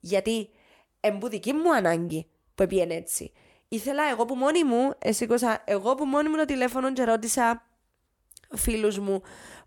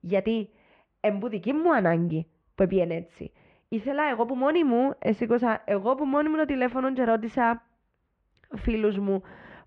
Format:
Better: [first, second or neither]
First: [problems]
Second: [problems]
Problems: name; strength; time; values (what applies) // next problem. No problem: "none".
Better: first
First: none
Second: muffled; very; fading above 2.5 kHz